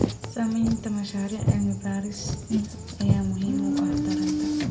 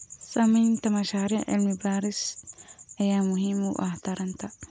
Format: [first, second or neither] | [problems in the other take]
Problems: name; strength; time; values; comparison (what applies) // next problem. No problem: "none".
second | background sound (Car); 2 dB above the speech // room echo; dies away in 0.6 s